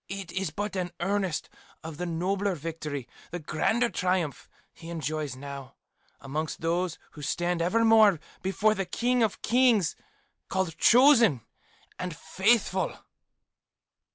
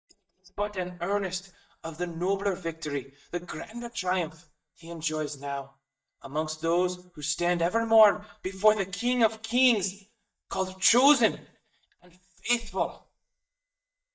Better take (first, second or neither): first